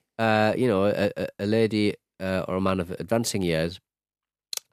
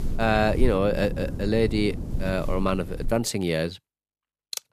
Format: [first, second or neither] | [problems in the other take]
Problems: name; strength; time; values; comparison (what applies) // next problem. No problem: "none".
first | wind noise on the microphone; faint; until 3 s; 15 dB below the speech